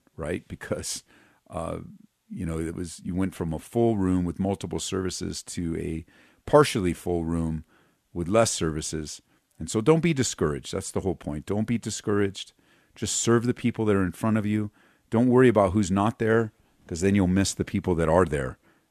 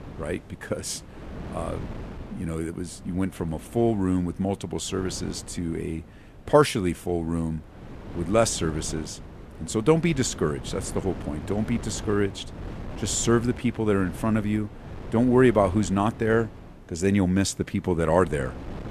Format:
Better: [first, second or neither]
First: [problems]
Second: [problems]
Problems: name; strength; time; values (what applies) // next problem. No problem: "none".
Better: first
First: none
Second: wind noise on the microphone; occasional gusts; 15 dB below the speech